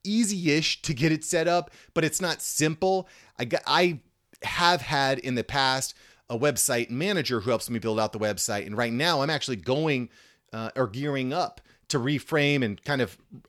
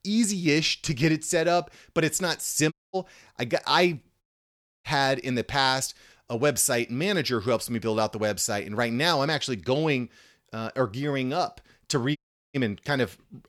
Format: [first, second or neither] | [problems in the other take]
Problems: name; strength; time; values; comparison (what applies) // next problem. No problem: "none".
first | audio cutting out; at 2.5 s, at 4 s for 0.5 s and at 12 s